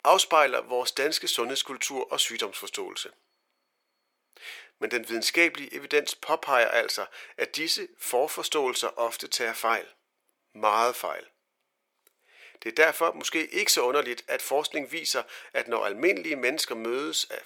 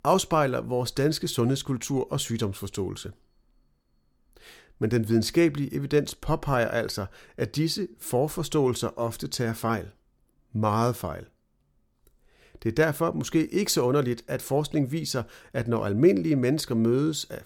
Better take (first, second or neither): second